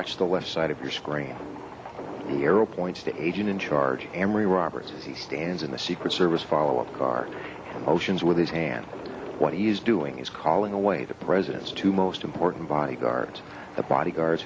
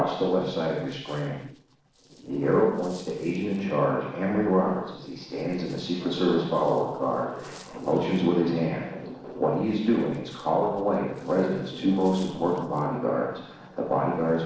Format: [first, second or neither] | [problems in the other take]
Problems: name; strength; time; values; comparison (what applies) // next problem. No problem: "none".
first | noise reduction (neural separator model SepFormer DNS4)